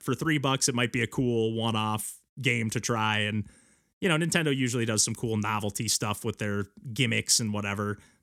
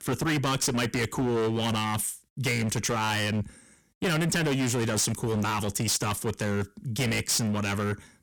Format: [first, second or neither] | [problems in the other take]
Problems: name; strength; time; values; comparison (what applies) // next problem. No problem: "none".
first | distortion; heavy; 23% of the sound clipped